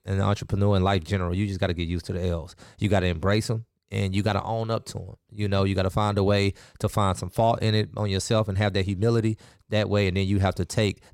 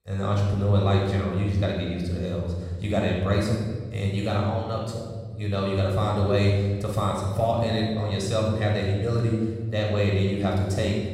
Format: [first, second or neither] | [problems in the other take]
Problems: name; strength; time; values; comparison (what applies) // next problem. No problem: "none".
first | off-mic speech; somewhat distant // room echo; noticeable; dies away in 1.6 s